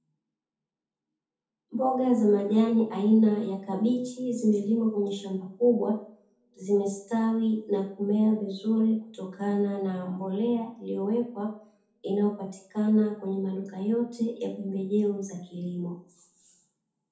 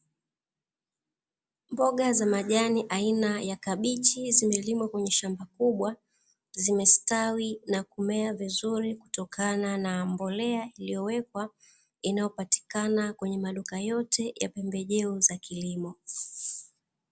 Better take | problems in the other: second | room echo; dies away in 0.5 s

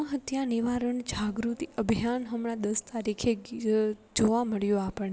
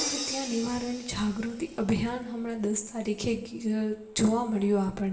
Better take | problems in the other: first | background sound (Crash cymbal); 12 dB below the speech // room echo; dies away in 1 s

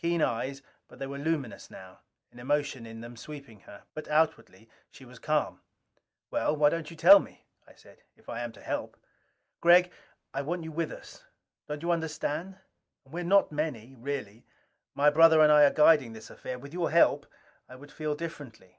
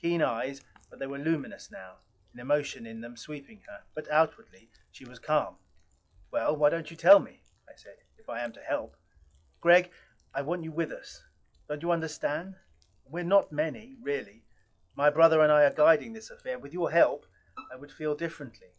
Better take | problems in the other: first | noise reduction (classical method log-MMSE)

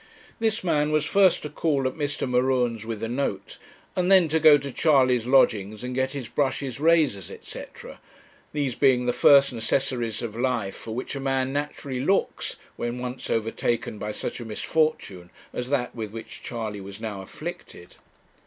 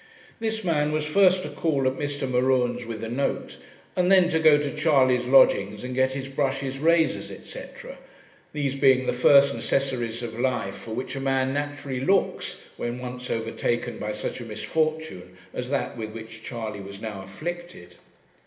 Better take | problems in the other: first | room echo; dies away in 1.1 s

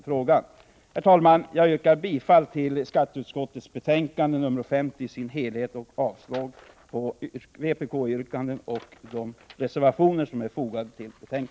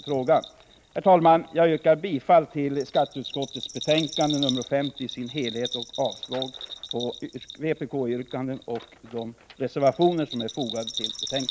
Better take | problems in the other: first | background sound (Bell); 12 dB below the speech

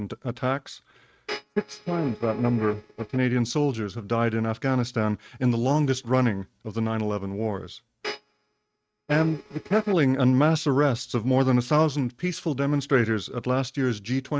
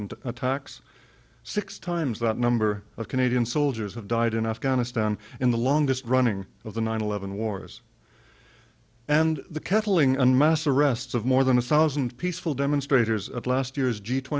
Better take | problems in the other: second | noise reduction (neural mask model RNNoise)

